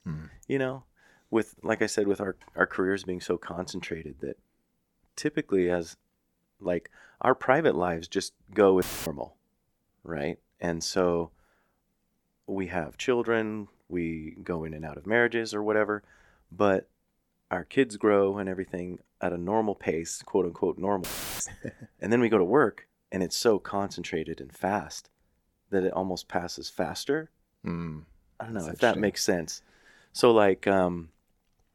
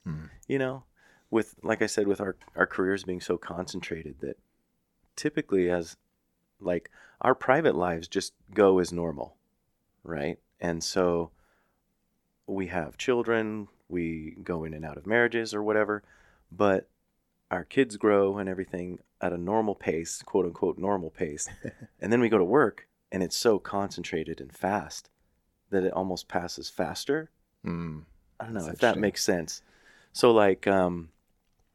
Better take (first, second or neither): second